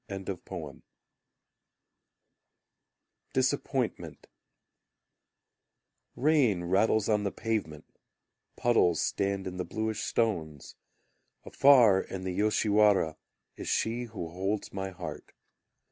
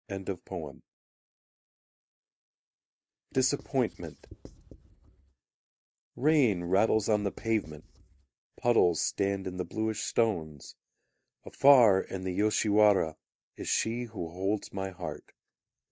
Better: first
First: none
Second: noise reduction (neural mask model DeepFilterNet 3)

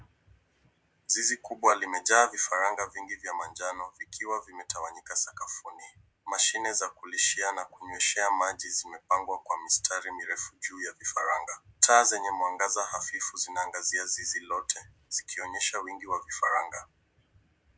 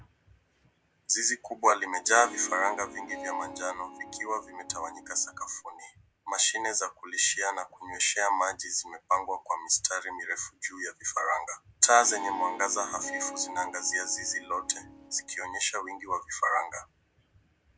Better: first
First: none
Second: background sound (Harp); 14 dB below the speech

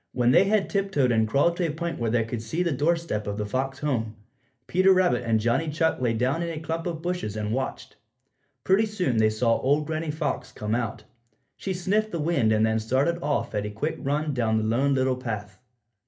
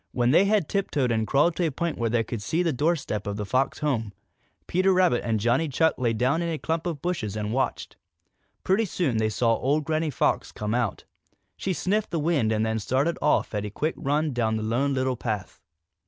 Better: second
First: room echo; dies away in 0.3 s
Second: none

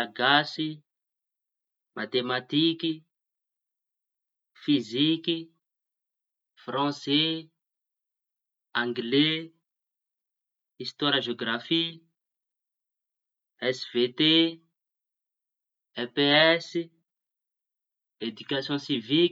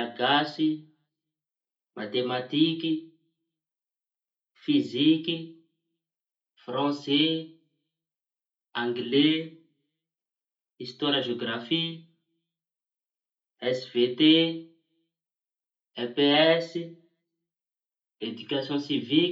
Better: first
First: none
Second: room echo; dies away in 0.3 s

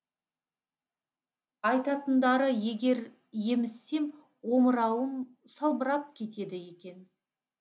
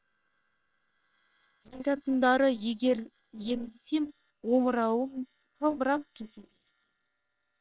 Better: first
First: none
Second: noise reduction (neural separator model SepFormer WHAM!)

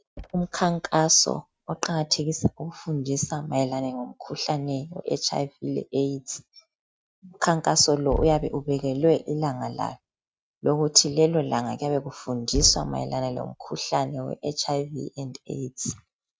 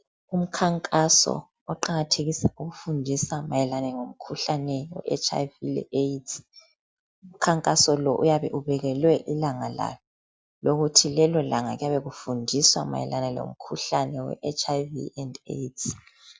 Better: second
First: noise reduction (neural mask model RNNoise)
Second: none

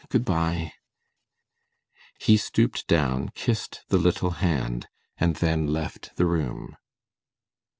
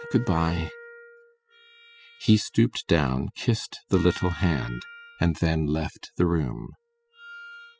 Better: first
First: none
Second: noise reduction (classical method spectral subtraction)

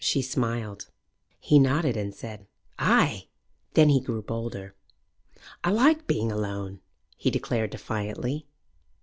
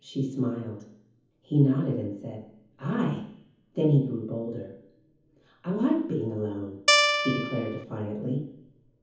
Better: first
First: none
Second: background sound (Guitar); 5 dB above the speech // room echo; dies away in 0.7 s

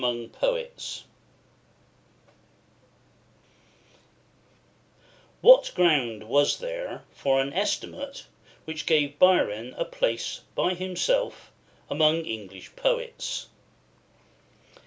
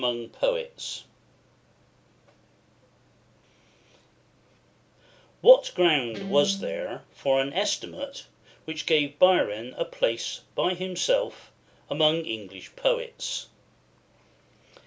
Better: first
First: none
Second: background sound (Guitar); 8 dB below the speech

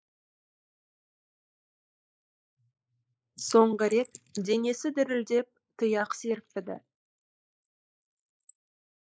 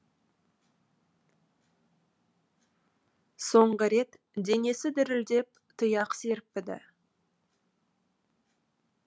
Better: second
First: noise reduction (neural mask model Resemble Enhance denoiser)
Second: none

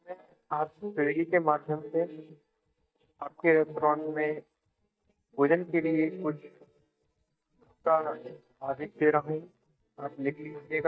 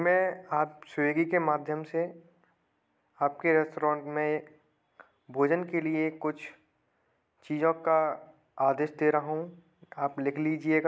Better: second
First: noise reduction (neural mask model DeepFilterNet 3)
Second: none

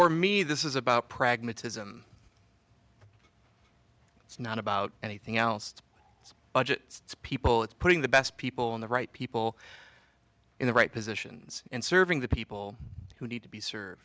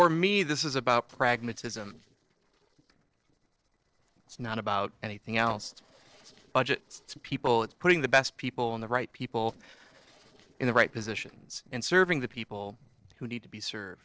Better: first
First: none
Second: noise reduction (neural separator model SepFormer DNS4)

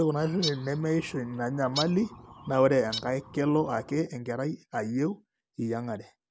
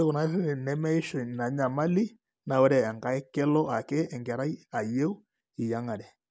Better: second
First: background sound (Bird); 12 dB below the speech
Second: none

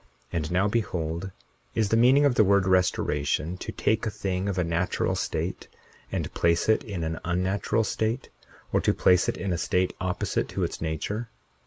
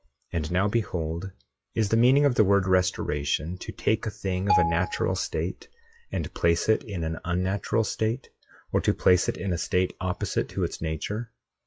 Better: first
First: none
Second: noise reduction (classical method log-MMSE)

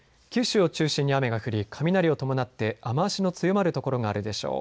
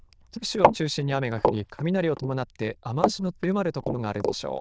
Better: first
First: none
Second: noise reduction (neural diffusion model UNIVERSE++)

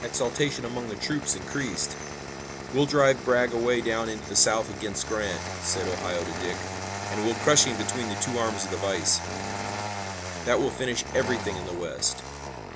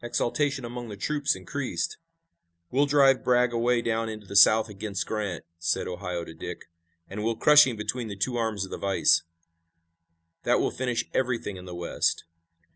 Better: second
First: background sound (Engine starting); 7 dB below the speech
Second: none

